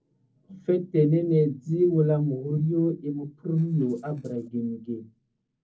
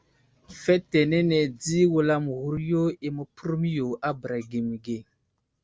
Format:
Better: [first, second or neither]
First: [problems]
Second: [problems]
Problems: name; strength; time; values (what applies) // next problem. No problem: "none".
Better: second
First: noise reduction (neural separator model SepFormer DNS4)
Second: none